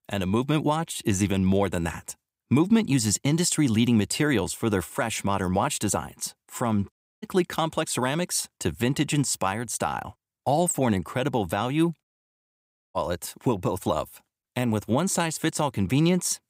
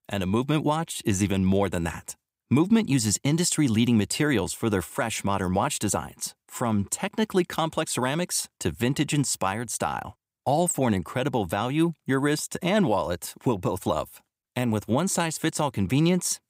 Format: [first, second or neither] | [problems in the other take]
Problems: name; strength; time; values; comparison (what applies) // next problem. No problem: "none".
second | audio cutting out; at 7 s and at 12 s for 1 s